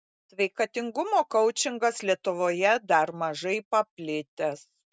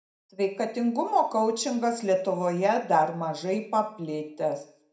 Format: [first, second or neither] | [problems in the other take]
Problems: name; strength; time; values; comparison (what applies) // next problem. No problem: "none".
first | room echo; dies away in 0.4 s